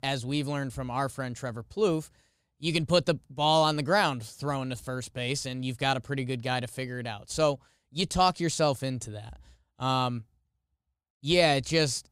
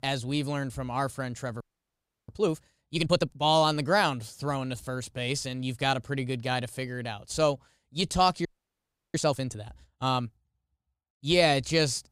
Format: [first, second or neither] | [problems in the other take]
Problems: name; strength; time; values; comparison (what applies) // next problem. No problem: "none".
first | audio freezing; at 1.5 s for 0.5 s and at 8.5 s for 0.5 s